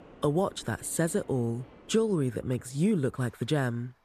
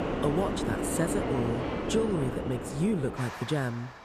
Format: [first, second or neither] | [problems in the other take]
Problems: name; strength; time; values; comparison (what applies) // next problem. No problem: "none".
first | train or aircraft noise; loud; throughout; 2 dB below the speech; faint in the first